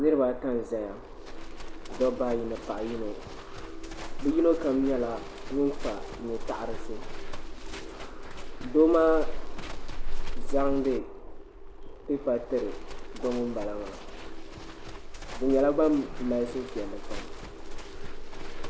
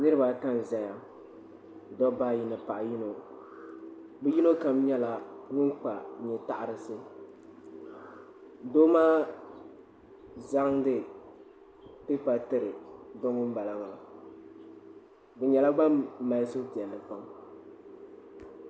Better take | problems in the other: second | background sound (Livestock, farm animals, working animals); 3 dB below the speech

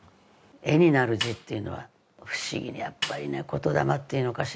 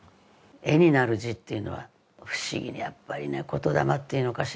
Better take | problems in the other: second | background sound (Snare drum); 11 dB below the speech

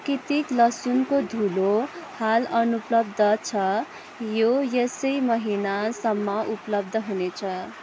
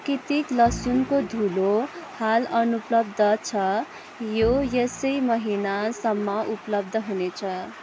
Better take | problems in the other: first | background sound (Bowed string instrument); 14 dB below the speech

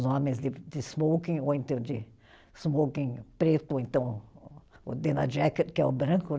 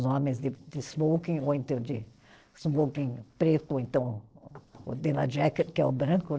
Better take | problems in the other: first | noise reduction (neural separator model SepFormer DNS4)

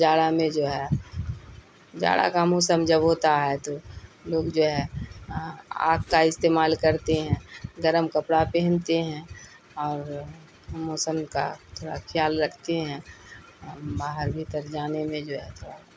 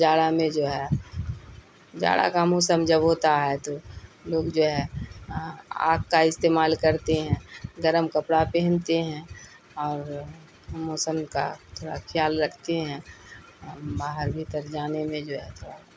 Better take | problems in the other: second | background sound (Whoosh, swoosh, swish); 14 dB below the speech

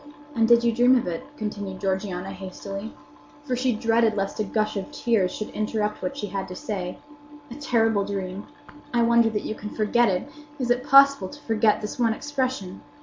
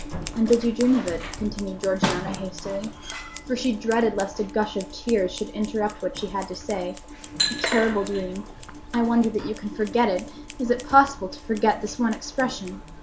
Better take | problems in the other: first | background sound (Scissors); 10 dB below the speech

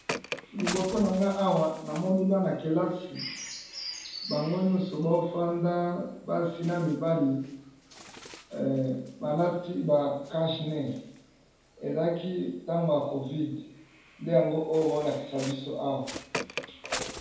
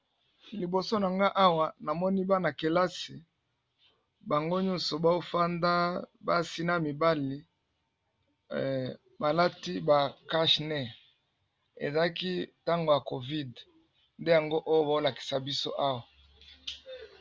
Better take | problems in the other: second | background sound (Bird); 14 dB below the speech // room echo; dies away in 0.9 s

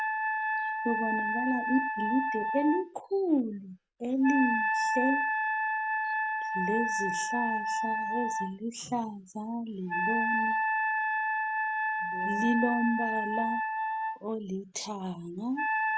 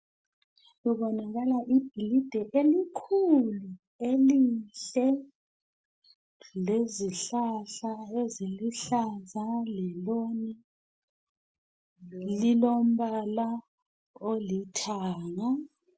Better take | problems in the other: second | background sound (Wind instrument, woodwind instrument); 2 dB above the speech

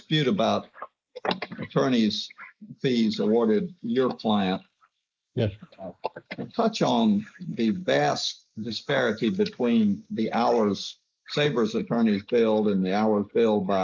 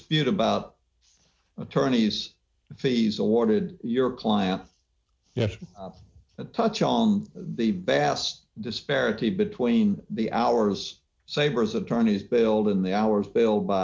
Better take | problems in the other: second | noise reduction (neural mask model Resemble Enhance denoiser)

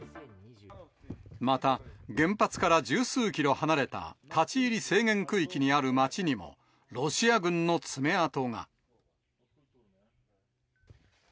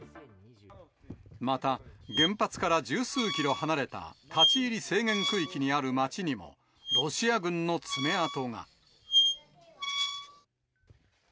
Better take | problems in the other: first | background sound (Squeak); 1 dB below the speech

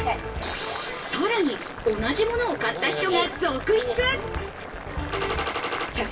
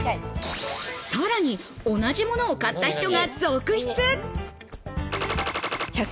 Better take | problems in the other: second | background sound (Boiling); 11 dB below the speech // room echo; dies away in 0.2 s

